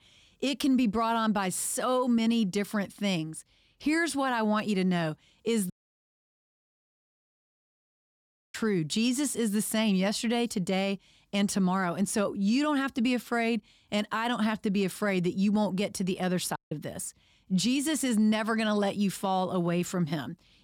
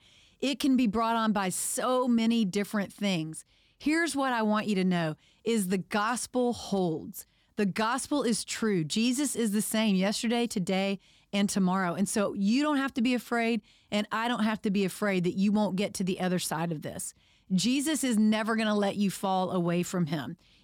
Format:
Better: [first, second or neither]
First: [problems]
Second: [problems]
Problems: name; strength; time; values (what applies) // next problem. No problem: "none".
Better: second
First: audio cutting out; at 5.5 s for 3 s and at 17 s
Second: none